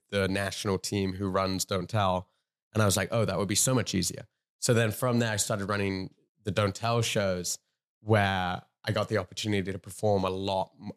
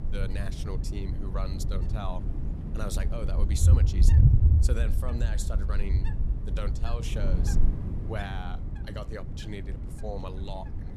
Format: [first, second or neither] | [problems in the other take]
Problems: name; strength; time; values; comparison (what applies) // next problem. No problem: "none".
first | wind noise on the microphone; heavy; 3 dB below the speech